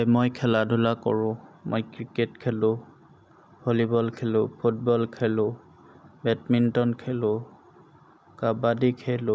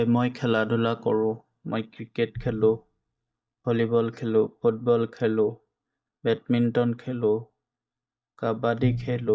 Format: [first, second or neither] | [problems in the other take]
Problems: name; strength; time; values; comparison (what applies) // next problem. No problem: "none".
first | noise reduction (neural mask model DeepFilterNet 3)